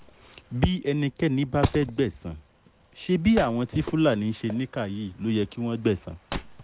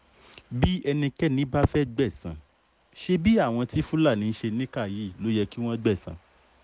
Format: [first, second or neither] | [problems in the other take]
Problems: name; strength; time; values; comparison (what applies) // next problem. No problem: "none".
second | background sound (Wood); 16 dB below the speech